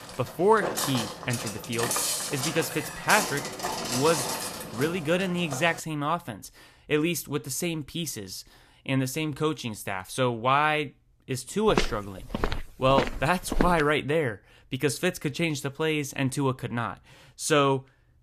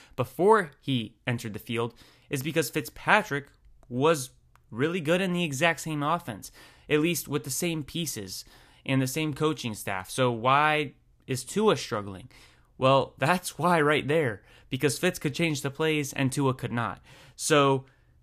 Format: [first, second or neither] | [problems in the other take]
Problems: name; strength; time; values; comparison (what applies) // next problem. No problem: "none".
second | footsteps; loud; until 6 s; peak 2 dB above the speech // footsteps; noticeable; from 12 to 14 s; peak 2 dB below the speech